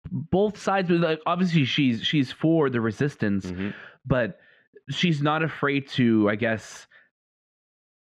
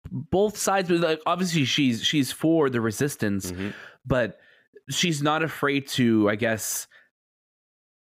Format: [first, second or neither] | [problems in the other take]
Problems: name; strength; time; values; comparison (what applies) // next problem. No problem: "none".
second | muffled; slightly; fading above 3 kHz